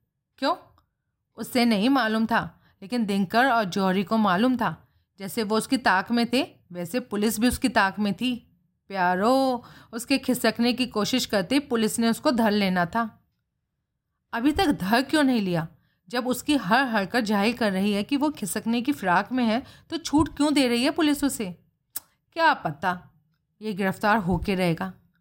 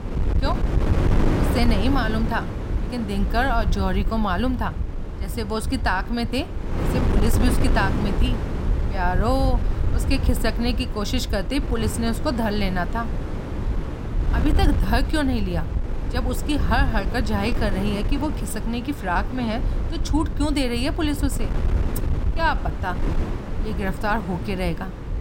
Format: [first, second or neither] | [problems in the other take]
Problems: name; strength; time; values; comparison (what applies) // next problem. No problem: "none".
first | wind noise on the microphone; heavy; 8 dB below the speech